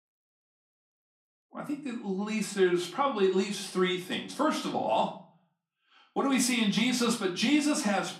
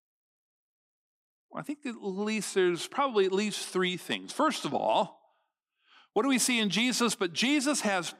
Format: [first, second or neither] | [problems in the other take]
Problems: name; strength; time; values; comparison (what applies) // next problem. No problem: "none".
second | room echo; slight; dies away in 0.4 s // off-mic speech; far